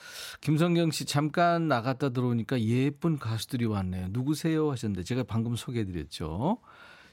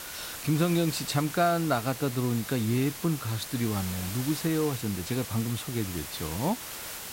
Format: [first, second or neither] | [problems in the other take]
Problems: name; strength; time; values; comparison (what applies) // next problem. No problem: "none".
first | hiss; loud; throughout; 8 dB below the speech